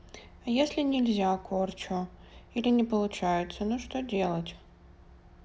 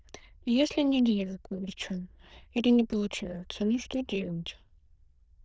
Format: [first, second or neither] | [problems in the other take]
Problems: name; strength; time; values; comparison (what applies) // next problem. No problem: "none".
first | noise reduction (neural diffusion model UNIVERSE++)